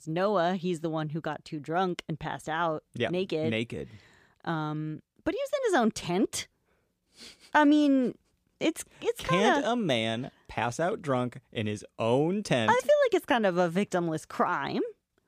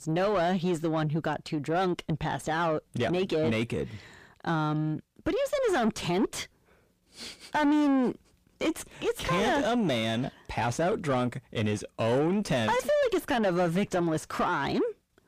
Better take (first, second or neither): first